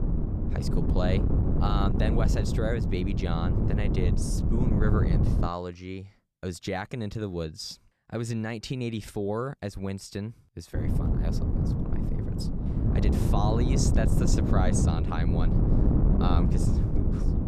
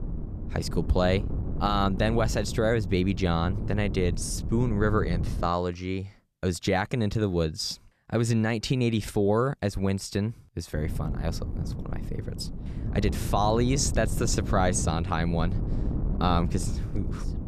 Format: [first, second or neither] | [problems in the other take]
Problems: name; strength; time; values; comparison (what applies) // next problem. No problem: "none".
second | wind noise on the microphone; heavy; until 5.5 s and from 11 s on; 1 dB below the speech; occasional gusts in the second